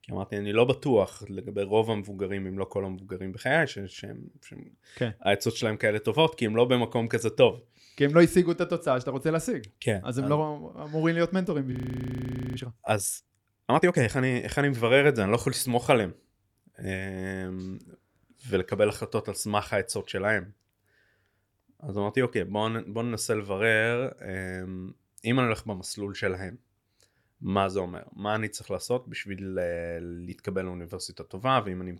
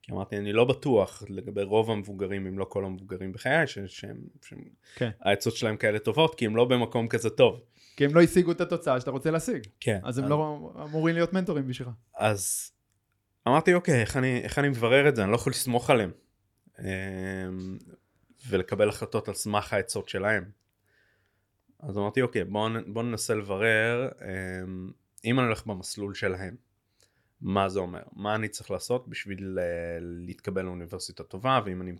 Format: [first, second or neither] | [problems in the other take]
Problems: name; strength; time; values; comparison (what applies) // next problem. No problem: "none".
second | audio freezing; at 12 s for 1 s